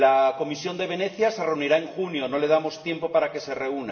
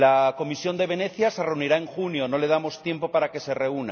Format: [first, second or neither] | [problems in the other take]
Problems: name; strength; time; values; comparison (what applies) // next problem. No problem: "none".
second | room echo; dies away in 0.8 s